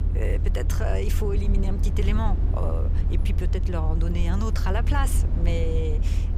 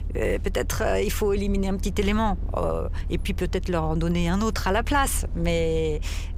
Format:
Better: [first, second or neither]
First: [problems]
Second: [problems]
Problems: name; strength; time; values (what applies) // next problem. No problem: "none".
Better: second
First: low rumble; loud; throughout; 8 dB below the speech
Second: low rumble; faint; throughout; 20 dB below the speech